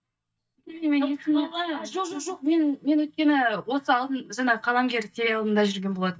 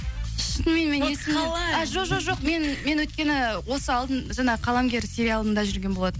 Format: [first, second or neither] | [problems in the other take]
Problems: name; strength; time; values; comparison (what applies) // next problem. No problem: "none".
second | noise reduction (neural mask model DeepFilterNet 3)